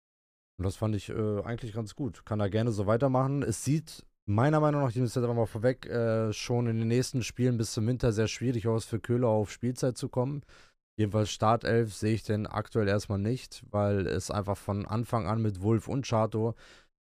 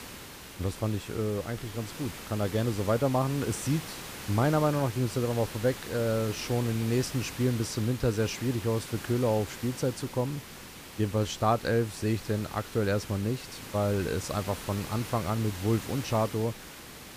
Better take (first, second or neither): first